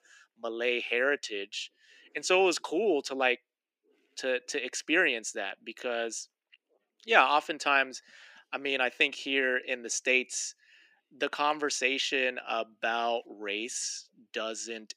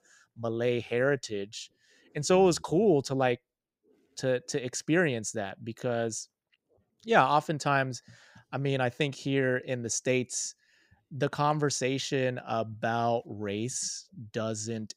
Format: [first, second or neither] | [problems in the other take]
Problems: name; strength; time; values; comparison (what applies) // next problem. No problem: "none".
second | thin; somewhat; fading below 250 Hz